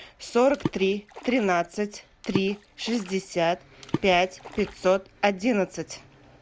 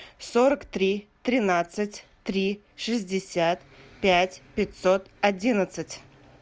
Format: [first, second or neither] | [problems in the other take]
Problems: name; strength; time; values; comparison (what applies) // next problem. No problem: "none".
second | background sound (Water / Splash, splatter); 11 dB below the speech